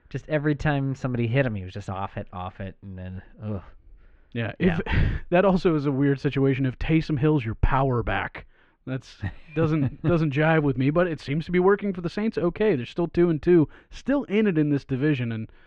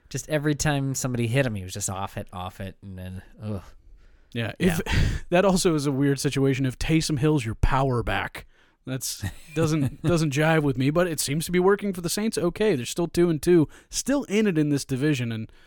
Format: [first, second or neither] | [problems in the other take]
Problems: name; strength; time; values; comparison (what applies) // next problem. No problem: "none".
second | muffled; very; fading above 2.5 kHz